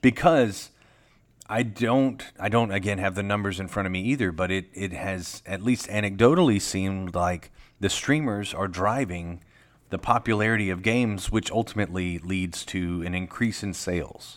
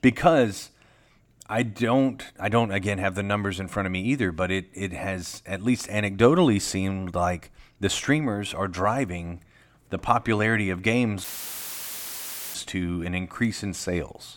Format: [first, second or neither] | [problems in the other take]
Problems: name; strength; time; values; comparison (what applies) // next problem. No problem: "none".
first | audio cutting out; filled with static; at 11 s for 1.5 s